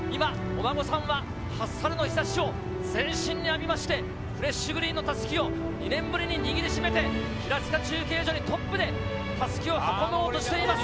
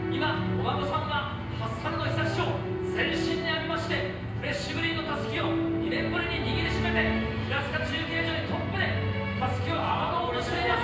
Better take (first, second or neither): first